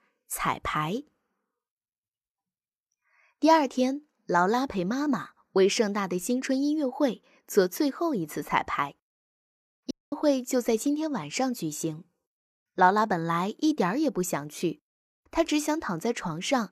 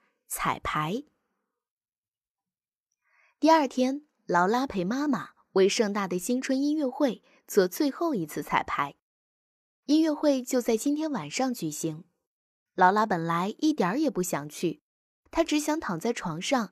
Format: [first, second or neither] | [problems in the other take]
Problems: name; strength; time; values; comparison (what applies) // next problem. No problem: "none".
second | audio cutting out; at 10 s